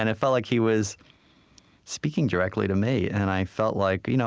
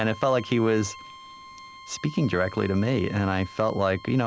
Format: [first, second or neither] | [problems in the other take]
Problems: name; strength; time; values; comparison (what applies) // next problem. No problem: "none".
first | background sound (Bowed string instrument); 19 dB below the speech